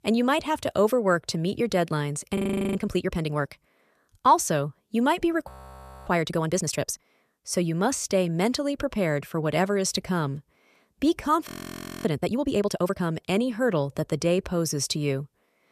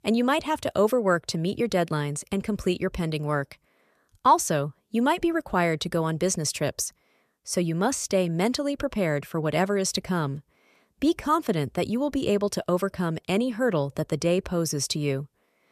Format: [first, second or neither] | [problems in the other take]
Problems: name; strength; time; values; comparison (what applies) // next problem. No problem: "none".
second | audio freezing; at 2.5 s, at 5.5 s for 0.5 s and at 11 s for 0.5 s